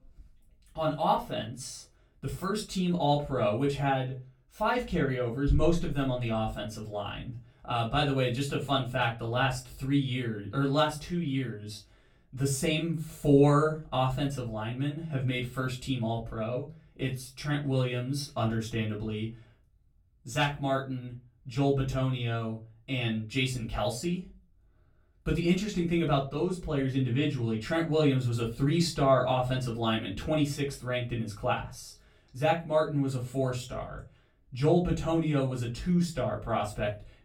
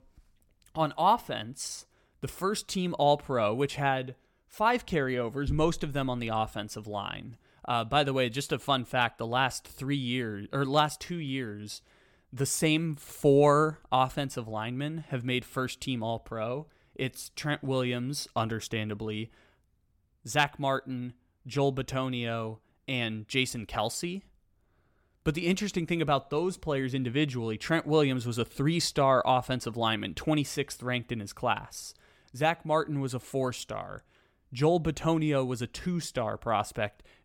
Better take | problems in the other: second | off-mic speech; far // room echo; very slight; dies away in 0.3 s

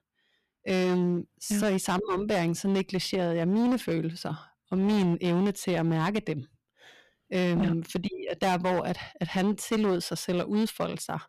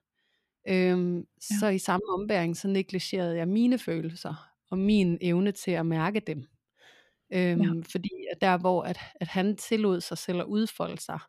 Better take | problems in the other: second | distortion; slight; 18% of the sound clipped

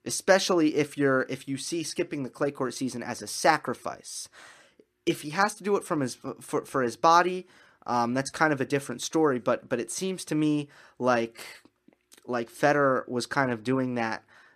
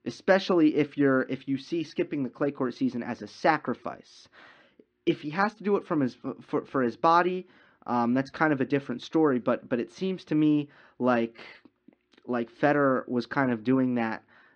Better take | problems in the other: first | muffled; slightly; fading above 4 kHz

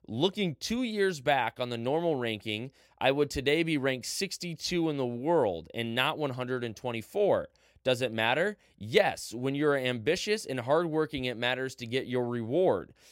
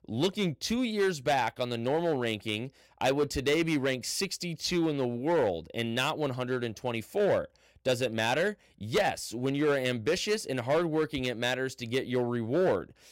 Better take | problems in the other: first | distortion; slight; 6% of the sound clipped

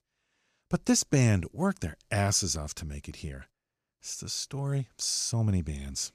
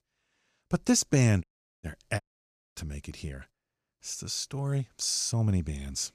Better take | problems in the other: first | audio cutting out; at 1.5 s and at 2 s for 0.5 s

